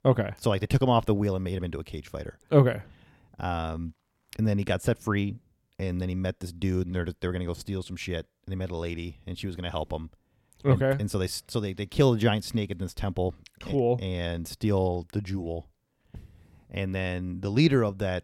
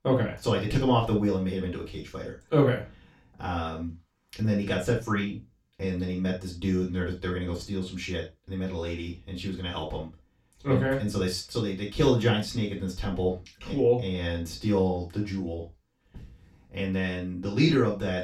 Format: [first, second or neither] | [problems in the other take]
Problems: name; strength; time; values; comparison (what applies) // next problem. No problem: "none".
first | room echo; noticeable; dies away in 0.2 s // off-mic speech; far